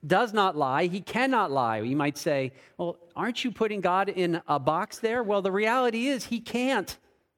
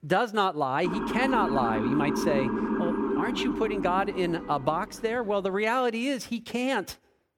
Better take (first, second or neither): first